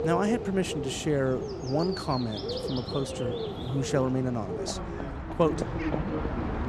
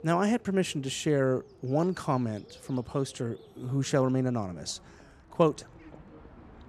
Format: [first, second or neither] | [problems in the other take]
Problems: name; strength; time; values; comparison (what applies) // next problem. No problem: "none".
second | animal sounds; loud; throughout; 4 dB below the speech; faint in the second